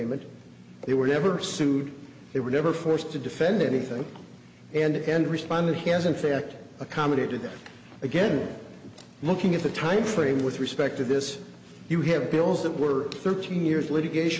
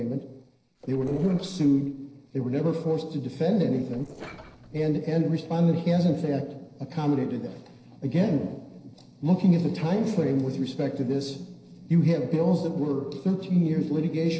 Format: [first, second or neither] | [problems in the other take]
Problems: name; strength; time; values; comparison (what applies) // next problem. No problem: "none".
first | noise reduction (neural separator model SepFormer DNS4)